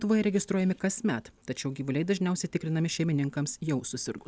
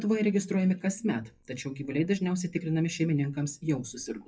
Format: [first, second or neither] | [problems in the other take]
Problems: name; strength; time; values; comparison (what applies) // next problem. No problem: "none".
first | noise reduction (classical method WPE with log-MMSE)